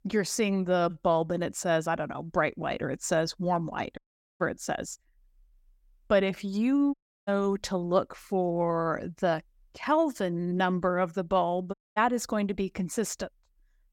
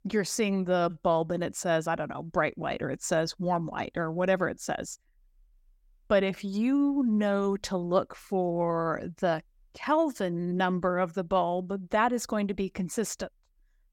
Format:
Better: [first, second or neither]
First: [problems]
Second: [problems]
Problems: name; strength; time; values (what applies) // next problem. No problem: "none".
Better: second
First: audio cutting out; at 4 s, at 7 s and at 12 s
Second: none